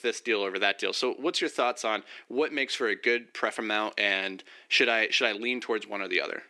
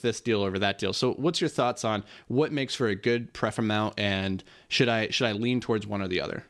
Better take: second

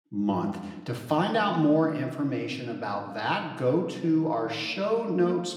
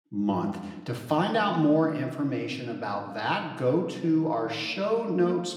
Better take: neither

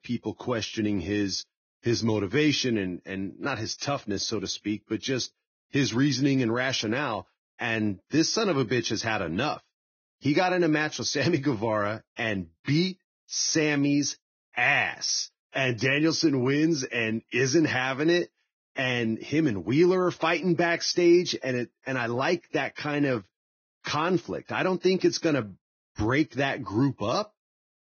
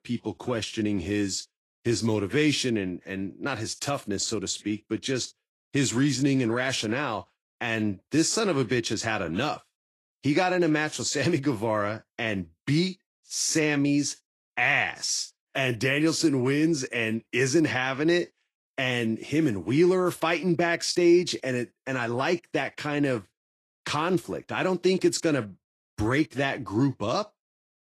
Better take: second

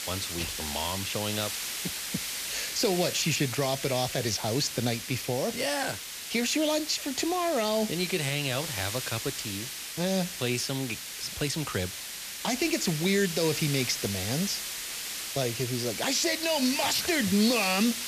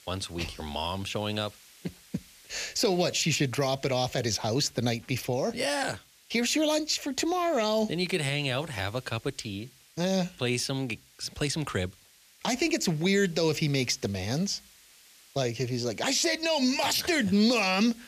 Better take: second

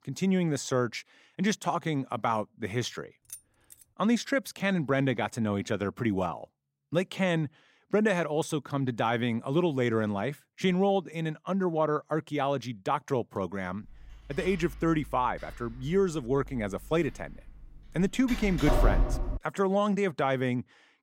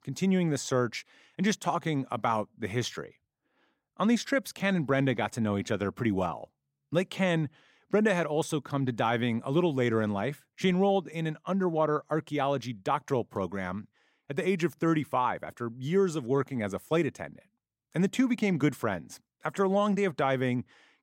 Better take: second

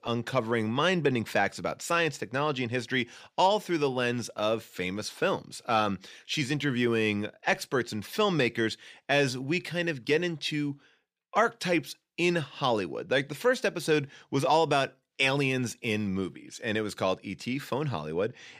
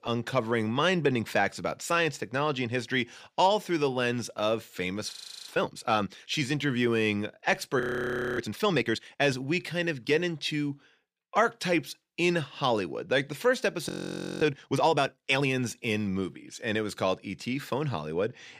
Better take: first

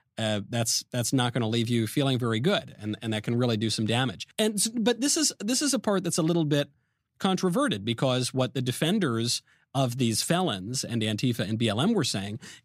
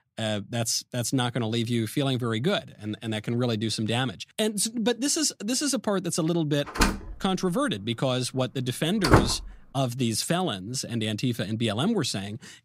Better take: first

